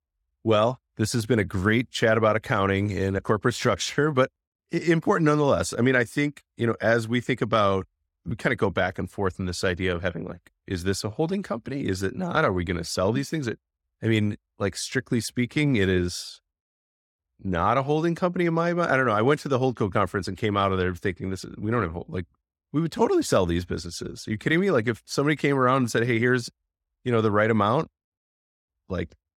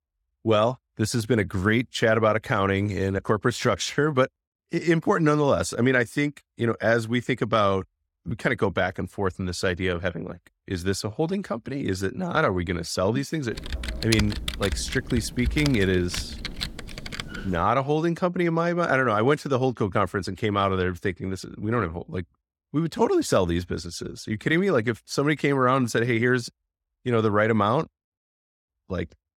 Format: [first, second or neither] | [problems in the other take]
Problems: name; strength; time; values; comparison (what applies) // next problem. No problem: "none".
first | keyboard typing; noticeable; from 14 to 18 s; peak 2 dB below the speech